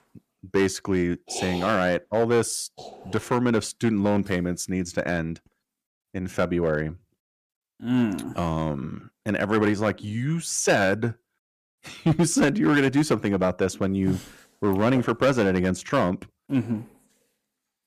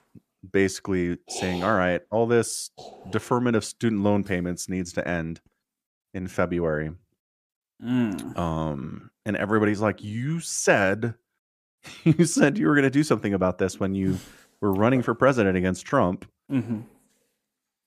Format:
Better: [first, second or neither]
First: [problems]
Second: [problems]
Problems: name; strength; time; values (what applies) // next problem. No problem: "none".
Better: second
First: distortion; slight; 3% of the sound clipped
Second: none